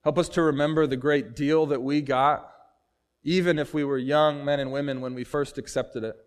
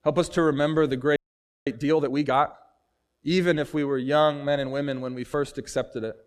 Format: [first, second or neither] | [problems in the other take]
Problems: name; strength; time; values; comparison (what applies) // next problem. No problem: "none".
first | audio freezing; at 1 s for 0.5 s